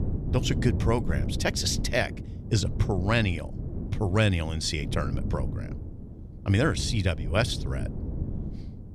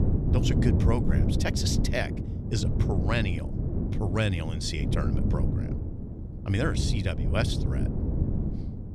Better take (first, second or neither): first